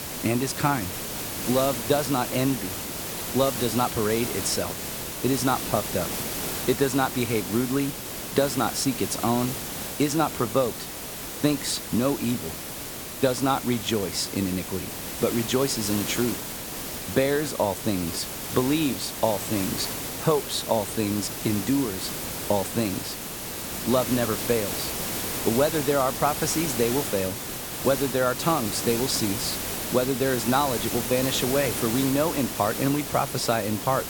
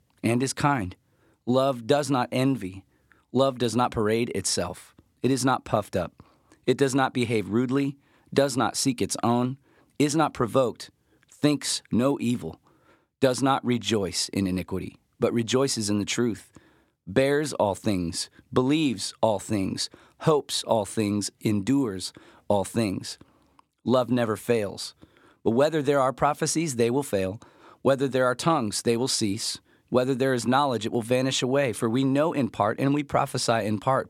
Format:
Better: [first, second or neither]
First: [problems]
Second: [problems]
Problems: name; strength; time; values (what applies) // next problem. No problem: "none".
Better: second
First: hiss; loud; throughout; 4 dB below the speech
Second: none